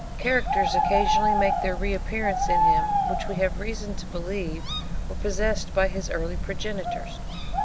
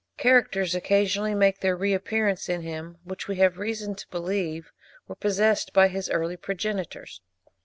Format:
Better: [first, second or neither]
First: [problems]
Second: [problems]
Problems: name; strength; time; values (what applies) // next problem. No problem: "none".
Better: second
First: background sound (Bird); 4 dB above the speech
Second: none